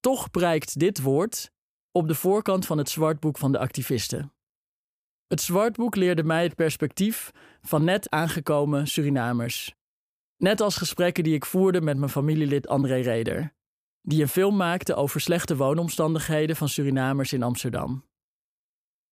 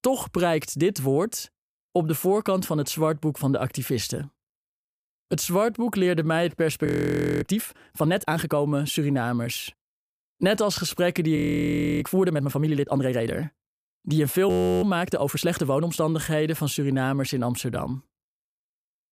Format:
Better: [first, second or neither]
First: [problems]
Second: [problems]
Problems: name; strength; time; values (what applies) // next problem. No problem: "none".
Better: first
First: none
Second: audio freezing; at 7 s for 0.5 s, at 11 s for 0.5 s and at 14 s